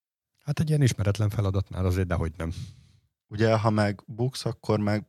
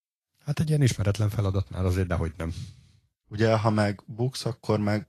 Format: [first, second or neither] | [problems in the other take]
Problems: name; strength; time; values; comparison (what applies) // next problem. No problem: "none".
first | garbled, watery; slightly; nothing above 13 kHz